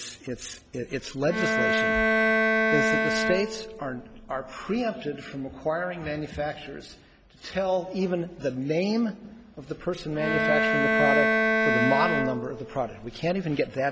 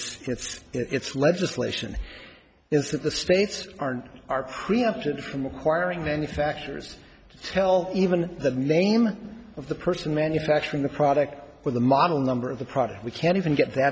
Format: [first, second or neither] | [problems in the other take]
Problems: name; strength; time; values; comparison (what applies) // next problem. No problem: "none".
second | background sound (Bowed string instrument); 4 dB above the speech